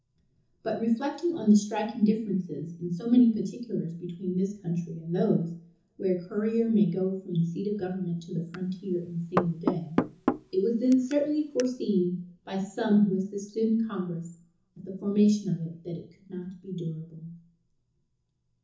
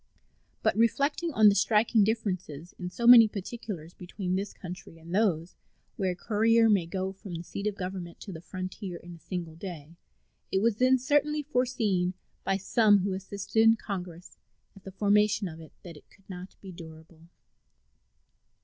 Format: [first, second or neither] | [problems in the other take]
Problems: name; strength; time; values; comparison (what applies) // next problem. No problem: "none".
second | background sound (Knock / Wood); 5 dB below the speech // room echo; dies away in 0.6 s